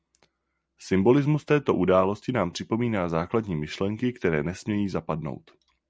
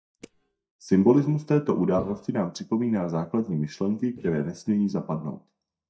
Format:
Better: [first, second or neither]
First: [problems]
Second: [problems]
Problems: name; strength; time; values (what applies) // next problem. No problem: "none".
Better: first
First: none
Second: noise reduction (neural mask model DeepFilterNet 3)